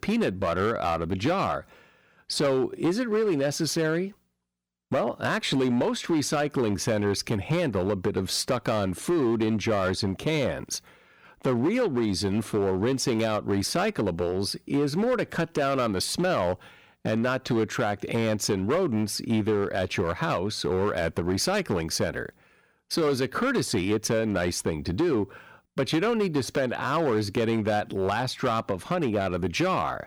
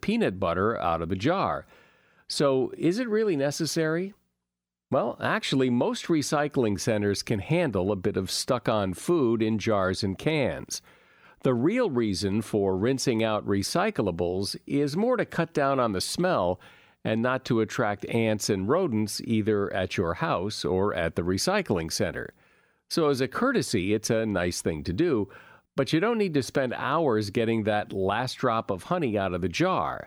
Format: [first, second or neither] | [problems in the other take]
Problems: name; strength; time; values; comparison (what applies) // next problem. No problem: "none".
second | distortion; slight; 9% of the sound clipped